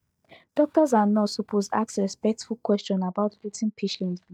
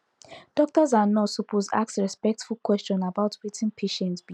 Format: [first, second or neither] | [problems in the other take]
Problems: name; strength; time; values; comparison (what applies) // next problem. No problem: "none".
second | noise reduction (neural mask model DeepFilterNet 3)